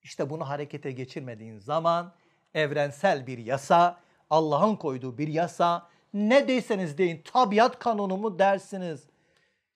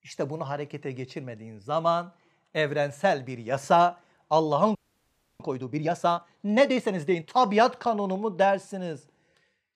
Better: first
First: none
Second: audio freezing; at 5 s for 0.5 s

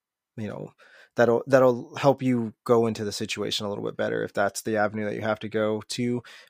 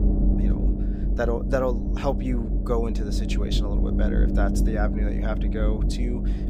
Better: first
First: none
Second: low rumble; loud; throughout; 5 dB below the speech

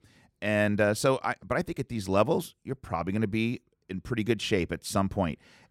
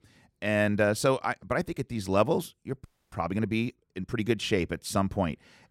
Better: first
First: none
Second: audio freezing; at 3 s

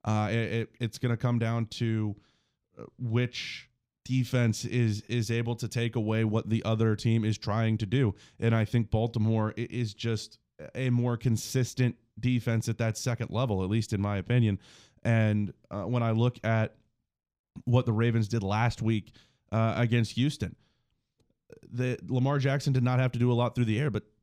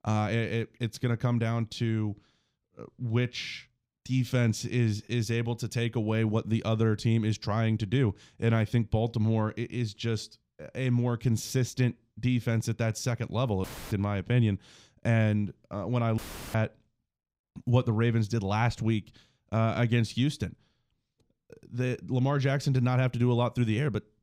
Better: first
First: none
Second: audio cutting out; filled with static; at 14 s and at 16 s

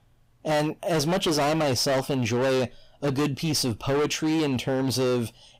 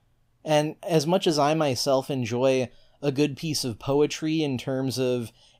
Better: second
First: distortion; heavy; 24% of the sound clipped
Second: none

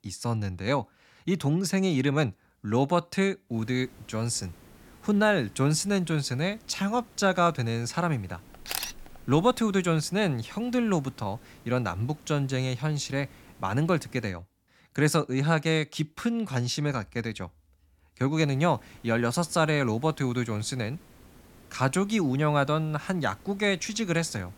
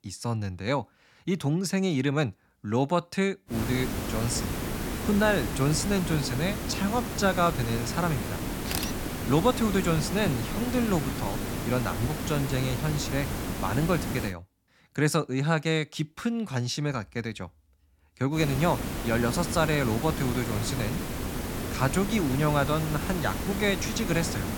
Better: first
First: hiss; faint; from 3.5 to 14 s and from 18 s on; 25 dB below the speech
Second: hiss; loud; from 3.5 to 14 s and from 18 s on; 4 dB below the speech

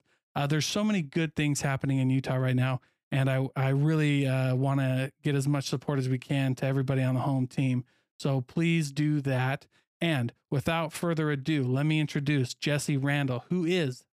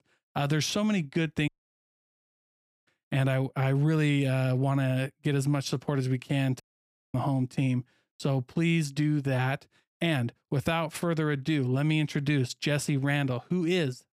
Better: first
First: none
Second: audio cutting out; at 1.5 s for 1.5 s and at 6.5 s for 0.5 s

